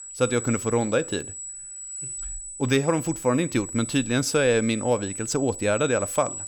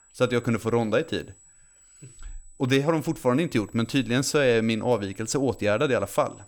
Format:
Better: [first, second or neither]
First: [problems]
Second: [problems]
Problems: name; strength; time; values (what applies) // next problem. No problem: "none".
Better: second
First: high-pitched whine; loud; throughout; 8 kHz, 9 dB below the speech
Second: high-pitched whine; faint; throughout; 8 kHz, 25 dB below the speech